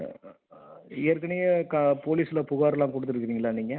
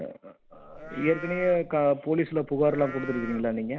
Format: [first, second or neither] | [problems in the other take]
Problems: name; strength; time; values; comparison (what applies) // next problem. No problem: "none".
first | background sound (Livestock, farm animals, working animals); 15 dB below the speech